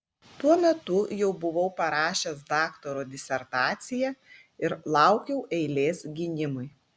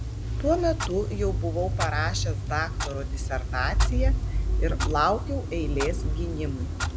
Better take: first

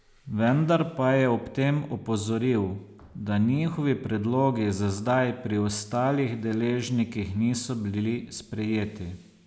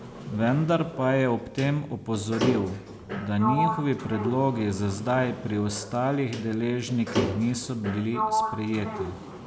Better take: first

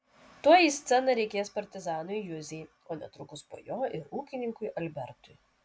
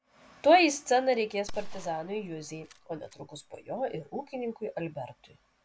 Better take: first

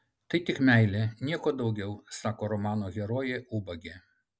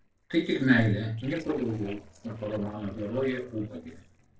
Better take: first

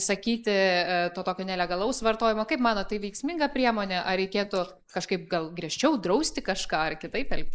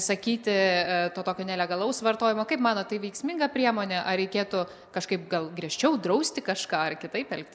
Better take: second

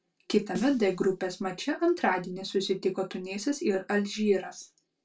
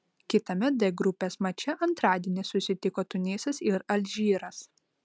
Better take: second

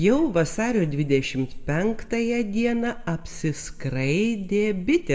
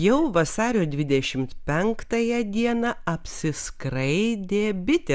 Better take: second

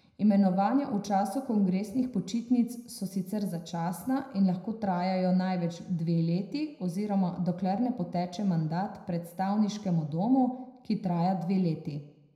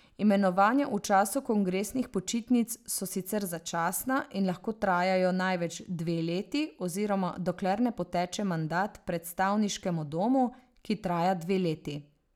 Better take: second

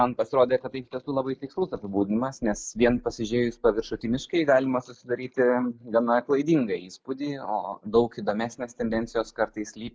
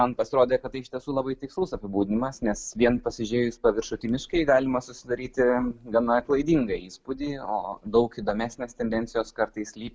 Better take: second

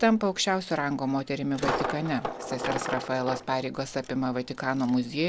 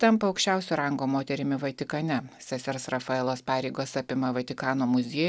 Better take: second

